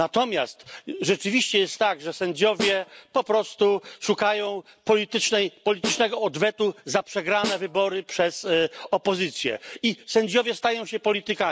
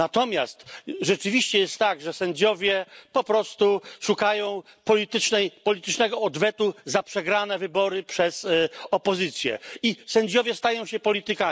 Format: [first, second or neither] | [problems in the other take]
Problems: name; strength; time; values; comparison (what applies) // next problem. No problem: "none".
second | background sound (Snare drum); 11 dB below the speech